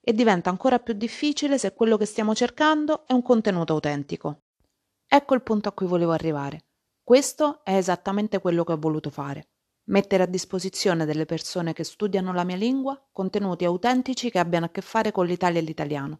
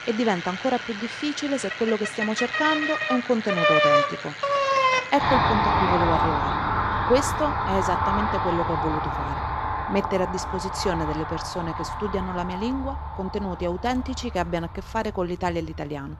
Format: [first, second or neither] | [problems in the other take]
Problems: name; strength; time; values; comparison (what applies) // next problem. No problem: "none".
first | traffic noise; very loud; throughout; 2 dB above the speech